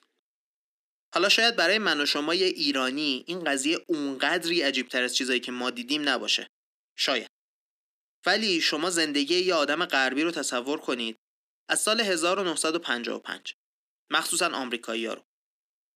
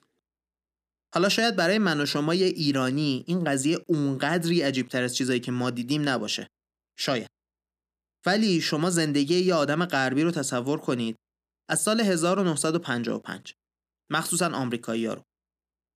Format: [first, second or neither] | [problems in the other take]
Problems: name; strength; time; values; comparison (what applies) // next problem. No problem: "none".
second | thin; very slightly; fading below 250 Hz